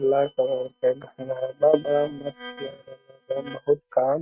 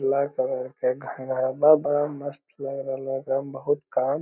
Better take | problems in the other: second | noise reduction (neural mask model RNNoise)

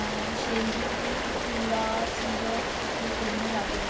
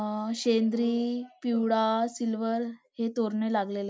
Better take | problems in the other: second | background sound (Rain); 4 dB above the speech // room echo; dies away in 0.2 s

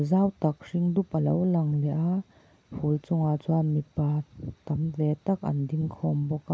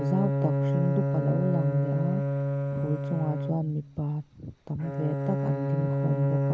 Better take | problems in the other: first | background sound (Bowed string instrument); 3 dB above the speech

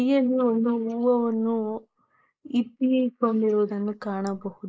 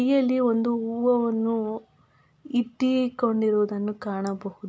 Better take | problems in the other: second | noise reduction (neural mask model Resemble Enhance denoiser)

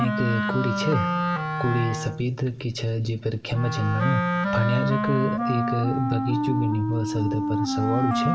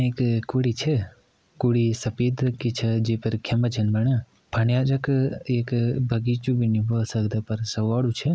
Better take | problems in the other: second | background sound (Wind instrument, woodwind instrument); as loud as the speech // room echo; dies away in 2.8 s

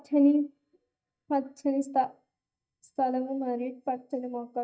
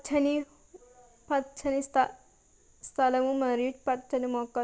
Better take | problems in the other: second | noise reduction (neural mask model DeepFilterNet 3)

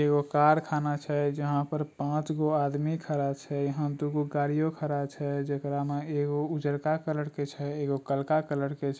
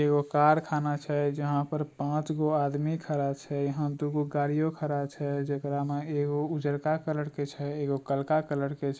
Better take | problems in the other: first | noise reduction (neural mask model Resemble Enhance denoiser)

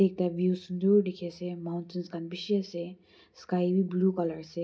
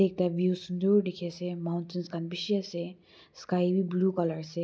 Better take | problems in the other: second | room echo; dies away in 0.3 s

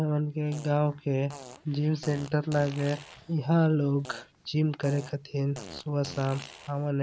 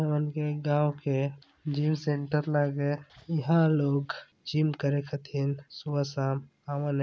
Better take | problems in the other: second | background sound (Fart); 18 dB below the speech

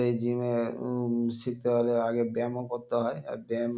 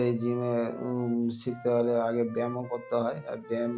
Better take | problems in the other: first | background sound (Wind instrument, woodwind instrument); 19 dB below the speech

